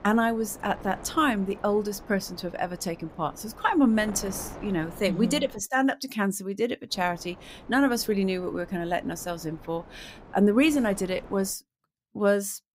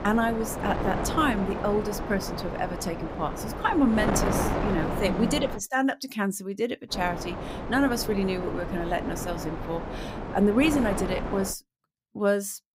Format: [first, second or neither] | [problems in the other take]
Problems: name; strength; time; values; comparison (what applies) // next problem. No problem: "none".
first | wind noise on the microphone; heavy; until 5.5 s and from 7 to 12 s; 4 dB below the speech; occasional gusts in the first